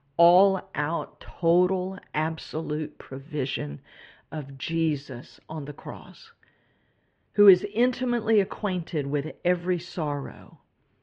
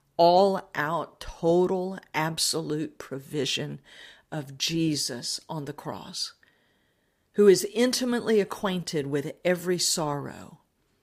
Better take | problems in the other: second | muffled; very; fading above 3 kHz

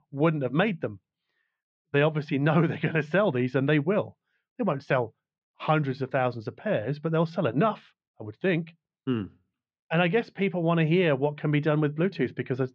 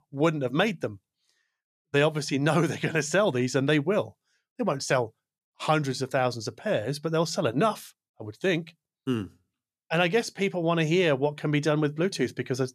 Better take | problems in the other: second | muffled; very; fading above 3 kHz

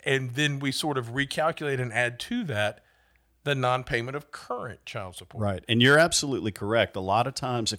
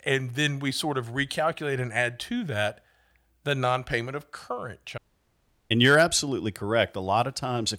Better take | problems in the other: first | audio cutting out; at 5 s for 0.5 s

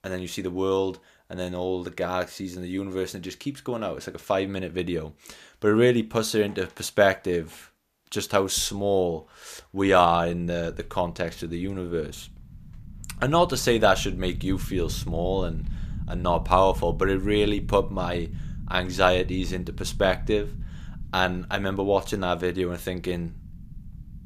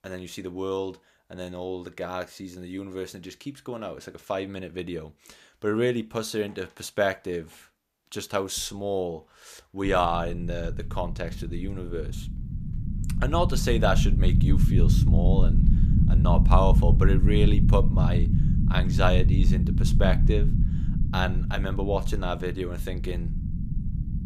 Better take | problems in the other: first | low rumble; loud; from 10 s on; 6 dB below the speech; faint in the first

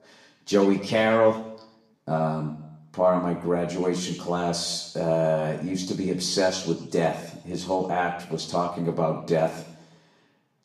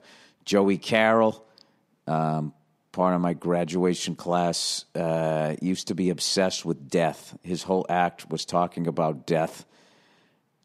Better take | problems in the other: second | room echo; slight; dies away in 0.8 s // off-mic speech; somewhat distant

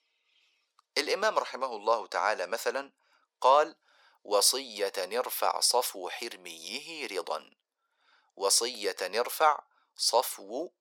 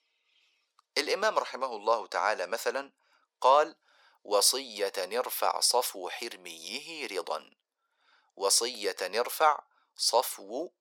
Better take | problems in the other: neither | thin; very; fading below 500 Hz; the same in both

